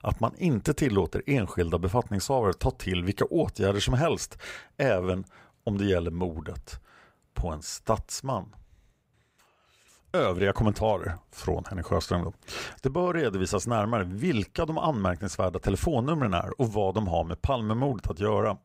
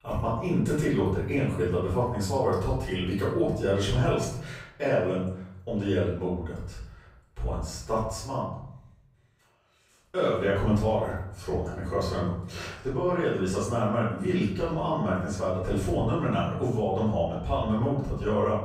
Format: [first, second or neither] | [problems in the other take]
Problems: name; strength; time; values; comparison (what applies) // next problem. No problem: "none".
first | off-mic speech; far // room echo; noticeable; dies away in 0.7 s